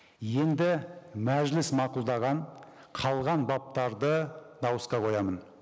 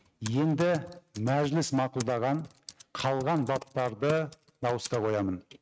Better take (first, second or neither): first